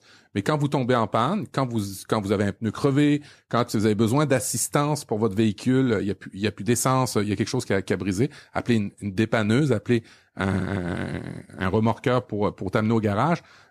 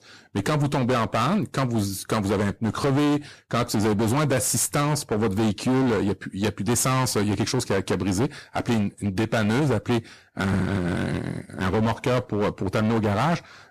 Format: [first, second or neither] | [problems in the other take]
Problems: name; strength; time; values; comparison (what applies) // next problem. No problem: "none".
first | distortion; heavy; 23% of the sound clipped